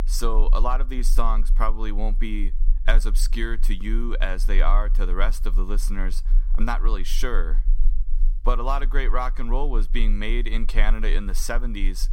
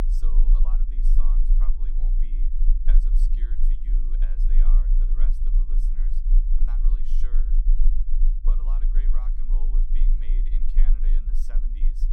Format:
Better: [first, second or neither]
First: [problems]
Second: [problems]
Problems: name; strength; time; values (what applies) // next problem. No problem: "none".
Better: first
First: low rumble; faint; throughout; 25 dB below the speech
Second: low rumble; loud; throughout; as loud as the speech